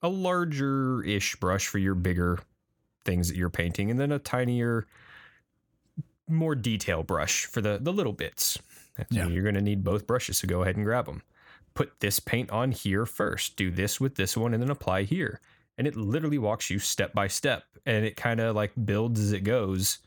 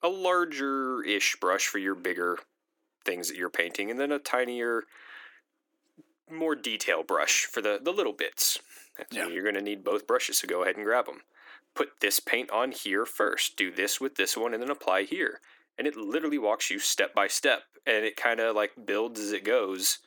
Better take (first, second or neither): first